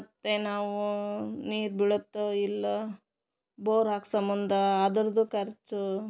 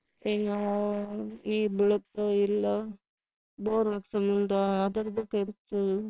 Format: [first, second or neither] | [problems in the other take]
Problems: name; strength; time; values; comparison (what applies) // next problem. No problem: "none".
first | noise reduction (neural separator model SepFormer WHAMR!)